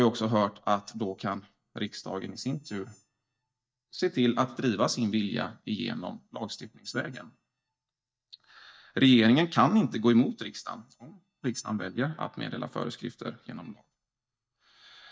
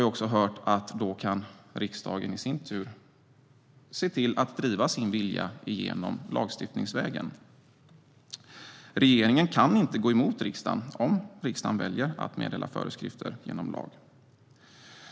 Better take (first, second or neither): second